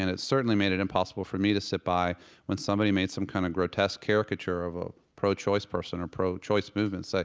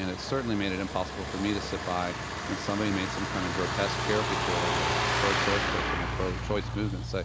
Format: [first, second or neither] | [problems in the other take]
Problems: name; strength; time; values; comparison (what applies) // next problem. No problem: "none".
first | background sound (Truck); 1 dB above the speech